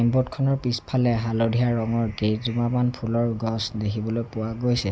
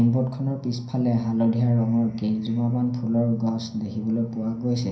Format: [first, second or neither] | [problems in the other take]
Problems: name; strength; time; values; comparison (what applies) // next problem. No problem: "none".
first | room echo; dies away in 0.6 s